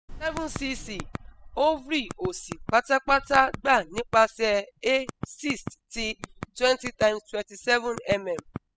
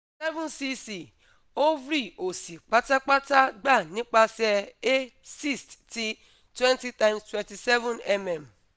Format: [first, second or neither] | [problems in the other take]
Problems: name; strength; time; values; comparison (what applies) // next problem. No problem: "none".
second | noise reduction (classical method spectral subtraction)